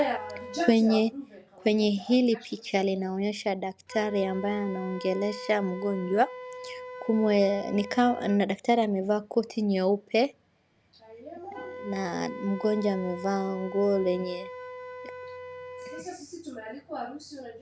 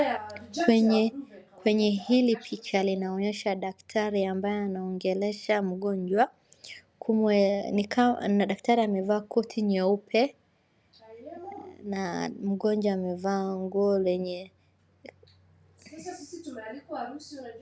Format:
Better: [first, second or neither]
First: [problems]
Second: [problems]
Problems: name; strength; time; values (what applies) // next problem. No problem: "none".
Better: second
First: background sound (Wind instrument, woodwind instrument); 15 dB below the speech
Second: none